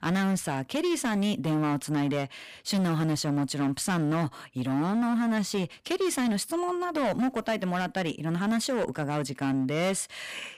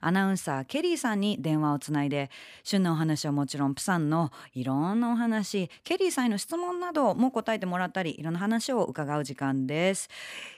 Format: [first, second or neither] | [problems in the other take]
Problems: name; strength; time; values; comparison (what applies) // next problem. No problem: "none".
second | distortion; slight; 18% of the sound clipped